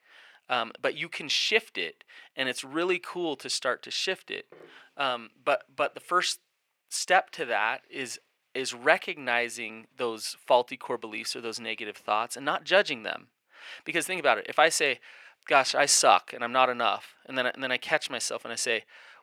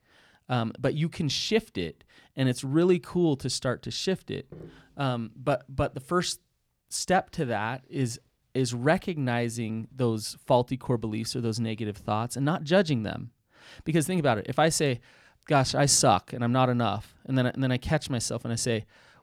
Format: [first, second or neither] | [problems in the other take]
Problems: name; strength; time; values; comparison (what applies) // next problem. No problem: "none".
second | thin; very; fading below 550 Hz